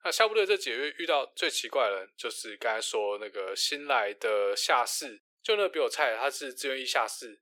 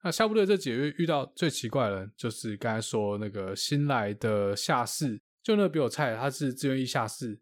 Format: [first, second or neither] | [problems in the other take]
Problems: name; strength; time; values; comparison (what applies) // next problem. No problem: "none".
second | thin; very; fading below 400 Hz